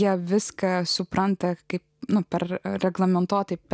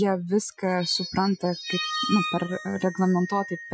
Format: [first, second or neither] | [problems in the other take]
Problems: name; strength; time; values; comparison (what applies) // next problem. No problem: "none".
first | noise reduction (classical method Wiener filter)